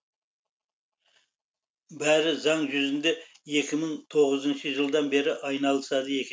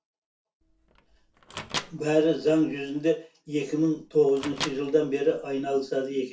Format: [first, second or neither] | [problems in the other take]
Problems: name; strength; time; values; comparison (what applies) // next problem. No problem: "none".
first | background sound (Microwave oven); 14 dB below the speech // room echo; dies away in 0.3 s